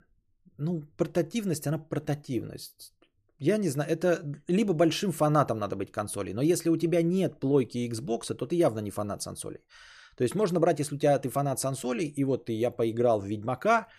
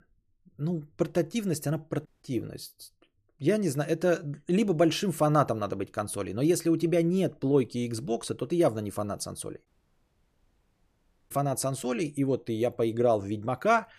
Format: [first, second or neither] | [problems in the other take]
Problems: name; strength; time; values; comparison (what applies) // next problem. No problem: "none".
first | audio cutting out; at 2 s and at 9.5 s for 1.5 s